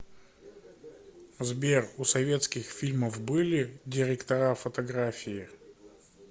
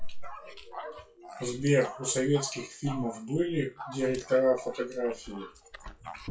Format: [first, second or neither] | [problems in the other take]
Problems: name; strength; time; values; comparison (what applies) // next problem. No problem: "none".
first | noise reduction (classical method WPE with log-MMSE)